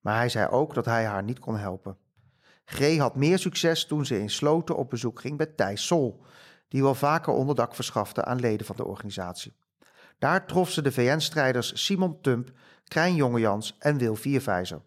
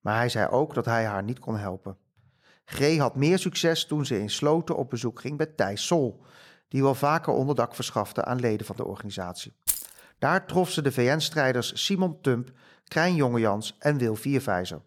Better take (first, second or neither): first